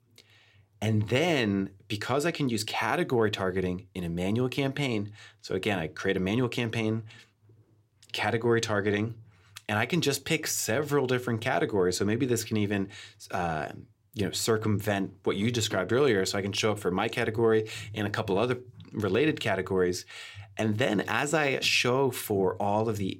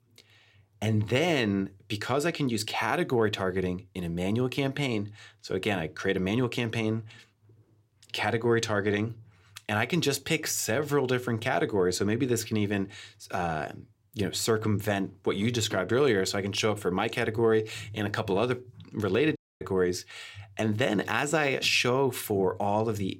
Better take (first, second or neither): first